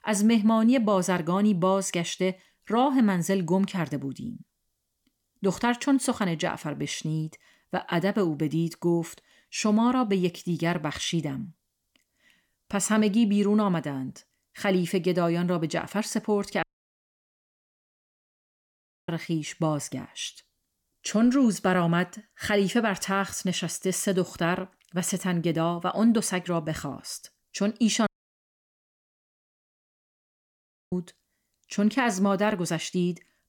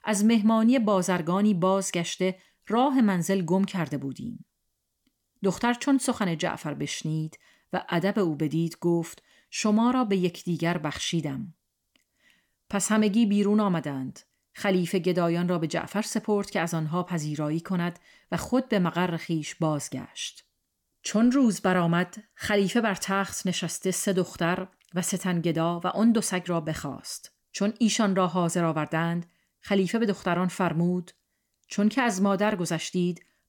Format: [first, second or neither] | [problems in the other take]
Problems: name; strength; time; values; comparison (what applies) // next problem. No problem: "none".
second | audio cutting out; at 17 s for 2.5 s and at 28 s for 3 s